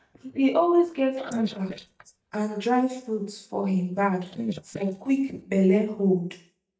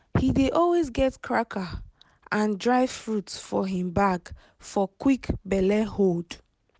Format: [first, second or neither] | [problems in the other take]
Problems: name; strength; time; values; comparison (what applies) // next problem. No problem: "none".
second | noise reduction (neural mask model DeepFilterNet 3)